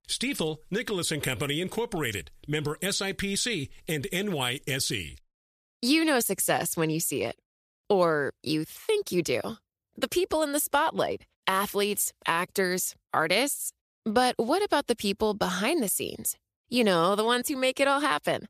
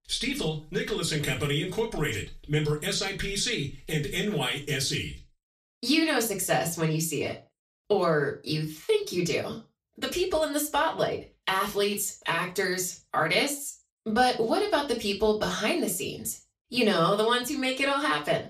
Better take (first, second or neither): first